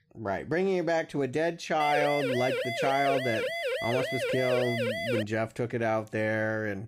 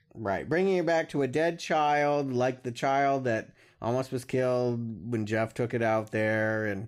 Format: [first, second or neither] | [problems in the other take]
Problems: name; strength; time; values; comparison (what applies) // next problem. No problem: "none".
second | siren; noticeable; from 2 to 5 s; peak level with the speech